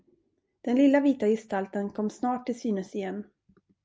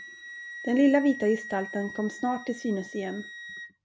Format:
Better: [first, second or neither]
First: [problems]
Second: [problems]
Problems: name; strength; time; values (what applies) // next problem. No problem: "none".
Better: first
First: none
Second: background sound (Wind instrument, woodwind instrument); 13 dB below the speech